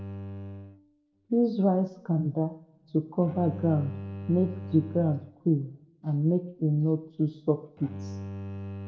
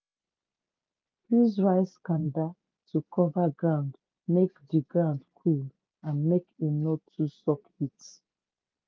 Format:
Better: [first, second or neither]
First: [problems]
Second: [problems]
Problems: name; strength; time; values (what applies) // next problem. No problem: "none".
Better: second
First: background sound (Bowed string instrument); 13 dB below the speech // room echo; dies away in 0.7 s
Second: none